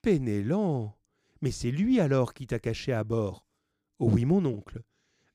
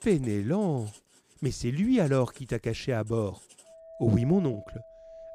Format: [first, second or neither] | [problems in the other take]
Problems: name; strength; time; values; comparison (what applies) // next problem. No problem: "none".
first | household noises; faint; throughout; 20 dB below the speech